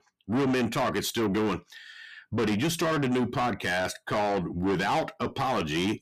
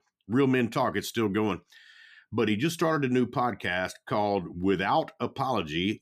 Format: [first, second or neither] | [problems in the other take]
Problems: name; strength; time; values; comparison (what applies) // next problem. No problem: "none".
second | distortion; heavy; 7 dB below the speech